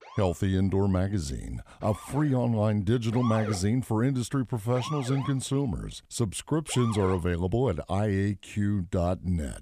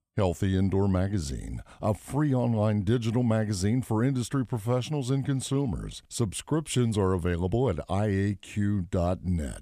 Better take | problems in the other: second | siren; noticeable; until 7 s; peak 7 dB below the speech

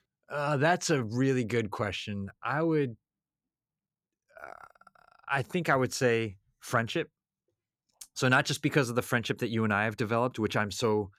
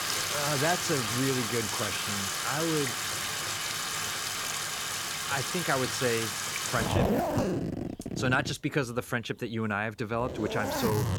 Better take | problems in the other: first | household noises; very loud; throughout; 1 dB above the speech

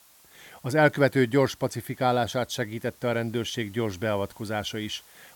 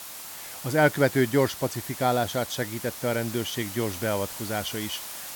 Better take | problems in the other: first | hiss; loud; throughout; 9 dB below the speech; faint in the first

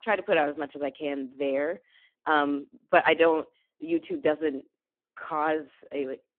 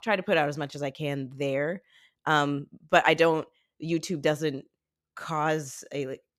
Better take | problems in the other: second | phone-call audio; poor line

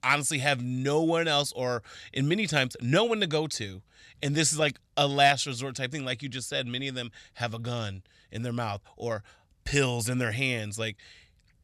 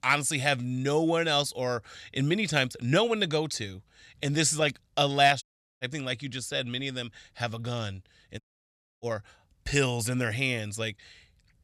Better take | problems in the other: first | audio cutting out; at 5.5 s and at 8.5 s for 0.5 s

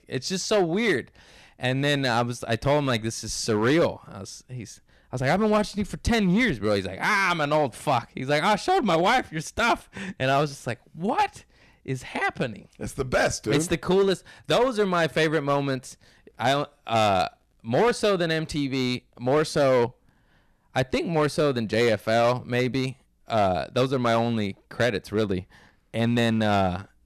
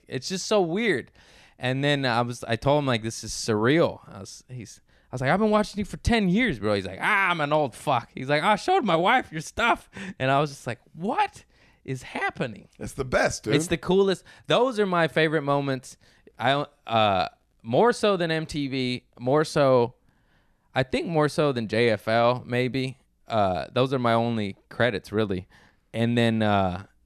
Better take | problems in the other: second | distortion; slight; 6% of the sound clipped

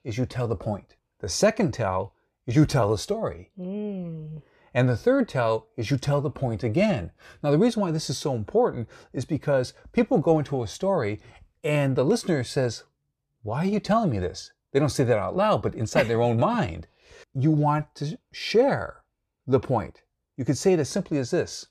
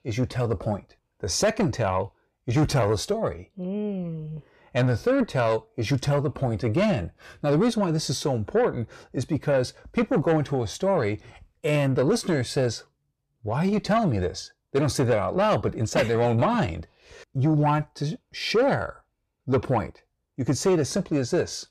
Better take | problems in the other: first | distortion; slight; 10 dB below the speech

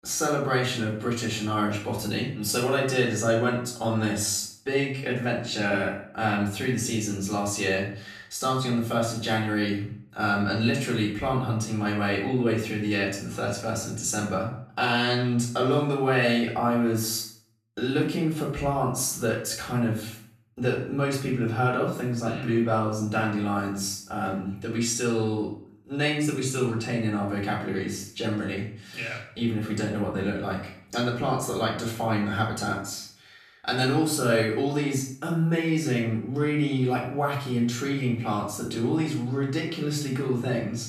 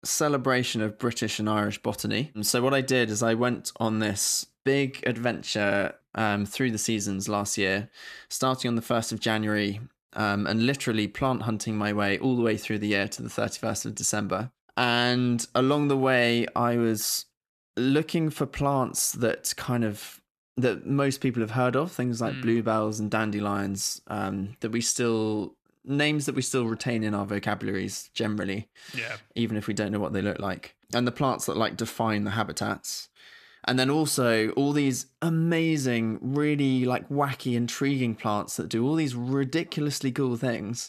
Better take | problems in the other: second | off-mic speech; far // room echo; noticeable; dies away in 0.5 s

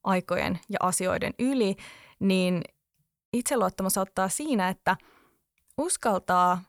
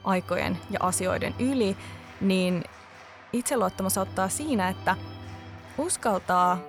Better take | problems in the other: first | background music; noticeable; throughout; 15 dB below the speech

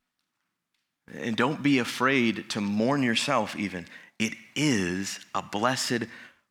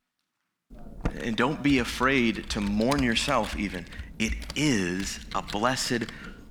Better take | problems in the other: first | keyboard typing; noticeable; from 1 s on; peak 9 dB below the speech

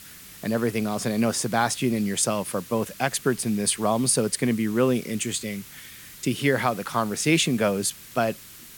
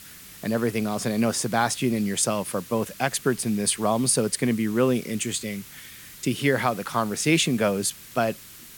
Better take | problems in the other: neither | hiss; noticeable; throughout; 15 dB below the speech; the same in both

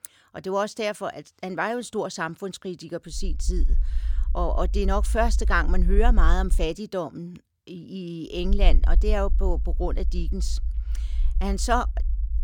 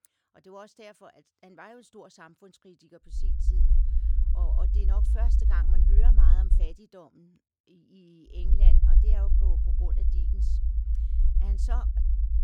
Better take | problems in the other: first | low rumble; loud; from 3 to 6.5 s and from 8.5 s on; as loud as the speech; faint in the first

